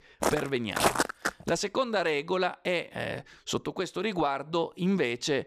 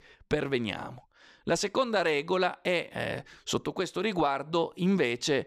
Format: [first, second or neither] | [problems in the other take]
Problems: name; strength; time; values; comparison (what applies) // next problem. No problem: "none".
second | footsteps; loud; until 1.5 s; peak 4 dB above the speech